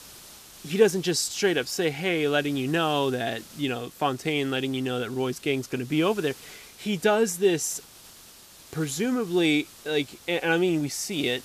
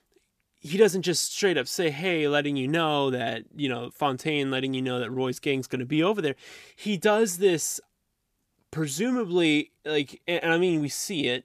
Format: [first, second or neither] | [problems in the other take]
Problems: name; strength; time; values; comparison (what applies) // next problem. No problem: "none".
second | hiss; faint; throughout; 20 dB below the speech